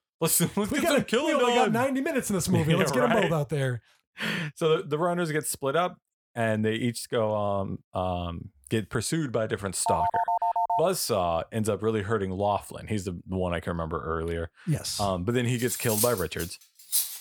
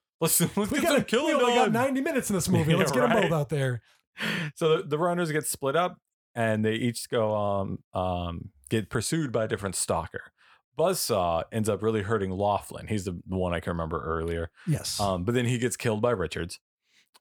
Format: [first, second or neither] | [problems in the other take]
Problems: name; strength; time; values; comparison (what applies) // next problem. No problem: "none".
second | phone ringing; loud; at 10 s; peak 1 dB above the speech // clattering dishes; loud; from 16 s on; peak 1 dB above the speech